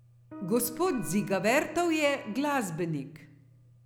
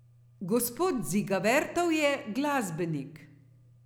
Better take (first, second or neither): second